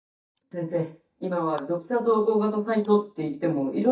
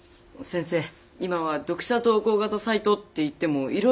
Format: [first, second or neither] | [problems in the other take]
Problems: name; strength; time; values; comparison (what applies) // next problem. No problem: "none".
second | noise reduction (neural mask model DeepFilterNet 3)